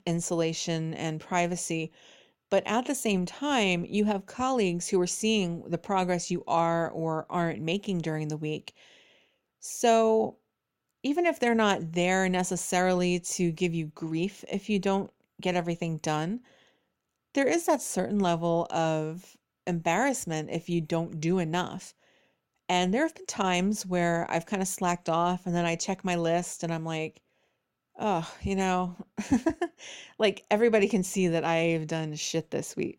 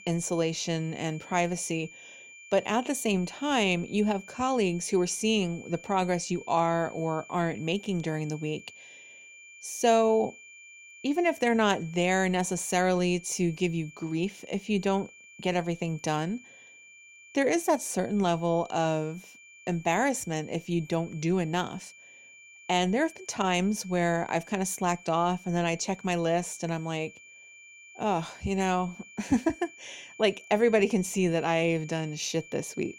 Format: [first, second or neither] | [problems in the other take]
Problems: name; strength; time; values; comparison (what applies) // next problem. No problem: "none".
first | high-pitched whine; noticeable; throughout; 2.5 kHz, 20 dB below the speech